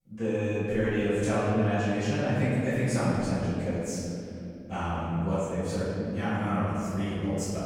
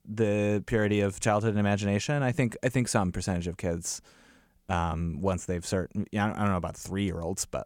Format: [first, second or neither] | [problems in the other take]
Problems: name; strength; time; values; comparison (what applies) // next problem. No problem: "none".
second | room echo; strong; dies away in 2.9 s // off-mic speech; far